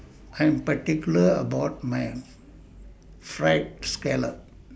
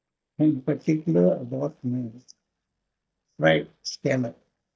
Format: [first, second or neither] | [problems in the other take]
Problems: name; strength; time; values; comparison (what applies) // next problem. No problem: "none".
first | noise reduction (neural mask model DeepFilterNet 3)